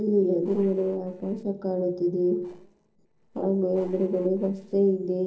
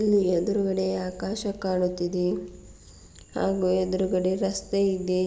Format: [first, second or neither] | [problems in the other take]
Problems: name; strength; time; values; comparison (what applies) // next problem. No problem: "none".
second | noise reduction (neural separator model SepFormer DNS4)